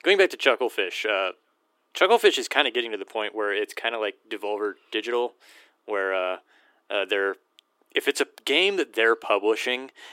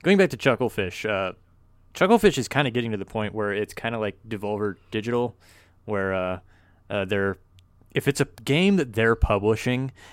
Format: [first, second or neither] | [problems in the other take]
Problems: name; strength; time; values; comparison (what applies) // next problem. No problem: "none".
second | thin; very; fading below 300 Hz